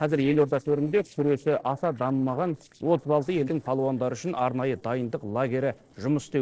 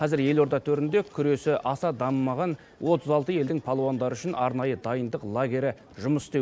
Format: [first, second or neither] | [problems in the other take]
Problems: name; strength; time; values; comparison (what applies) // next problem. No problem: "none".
second | noise reduction (neural separator model SepFormer DNS4)